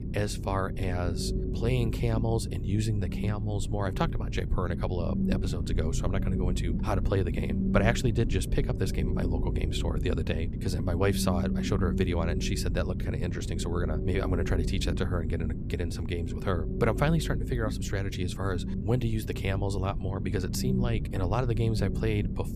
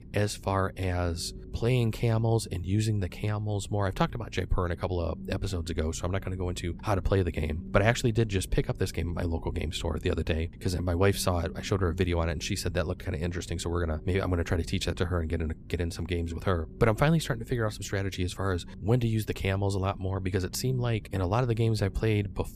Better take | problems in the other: second | low rumble; loud; throughout; 8 dB below the speech; faint in the second

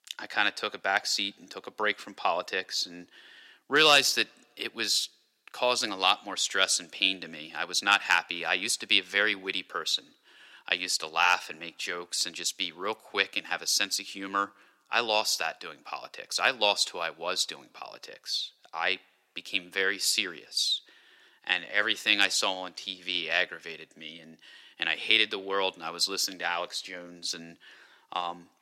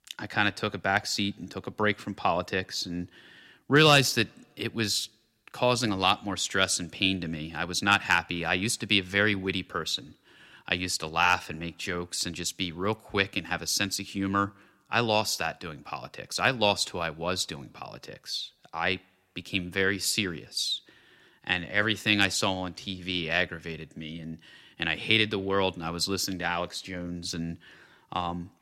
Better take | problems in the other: second | thin; somewhat; fading below 450 Hz

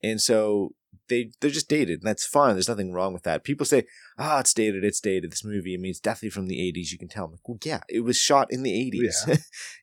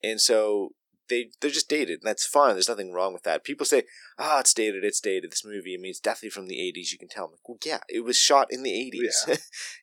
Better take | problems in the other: first | thin; somewhat; fading below 350 Hz

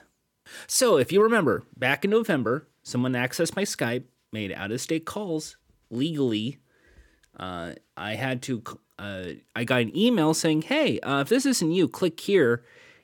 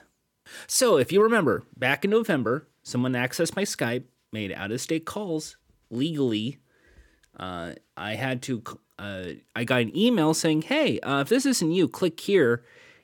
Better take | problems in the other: neither | none

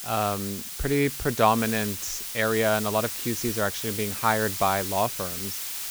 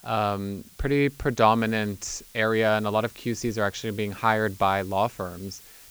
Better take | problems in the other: second | hiss; loud; throughout; 5 dB below the speech; faint in the second

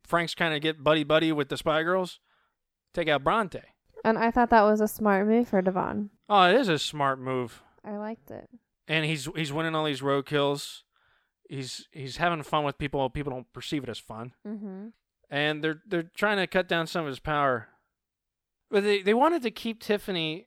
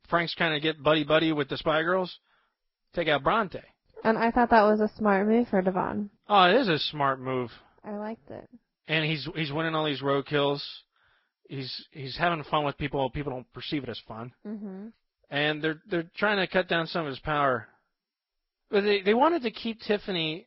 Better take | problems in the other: first | garbled, watery; badly; nothing above 5.5 kHz

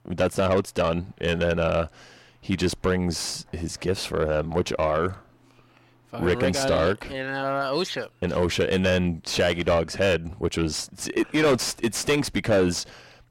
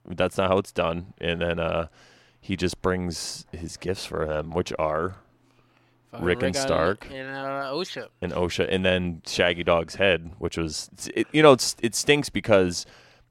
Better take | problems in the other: second | distortion; heavy; 6 dB below the speech

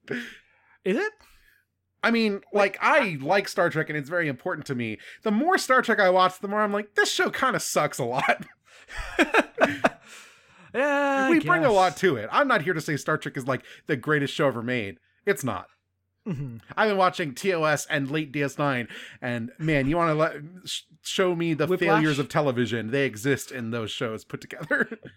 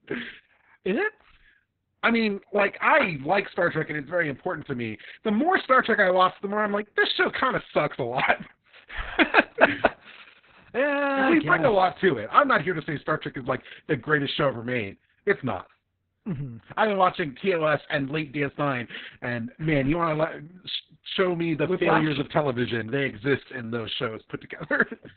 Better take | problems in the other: first | garbled, watery; badly; nothing above 4 kHz

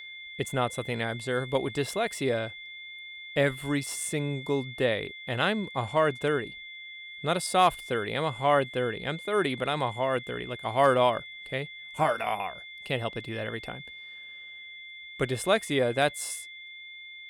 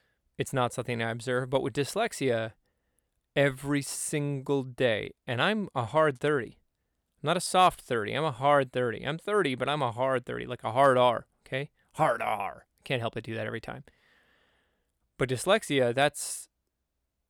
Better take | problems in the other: second | high-pitched whine; noticeable; throughout; 2 kHz, 10 dB below the speech

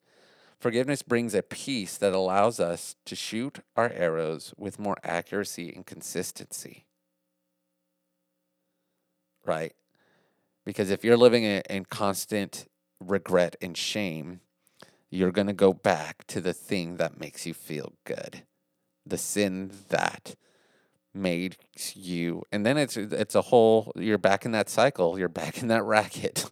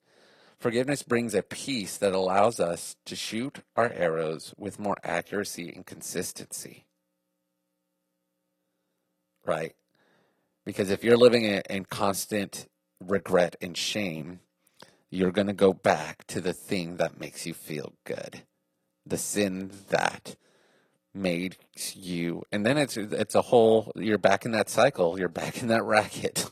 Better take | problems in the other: first | garbled, watery; slightly; nothing above 13 kHz

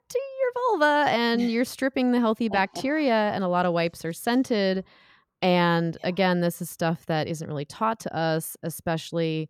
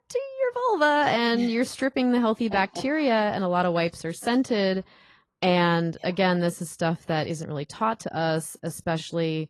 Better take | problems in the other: first | garbled, watery; slightly; nothing above 11.5 kHz

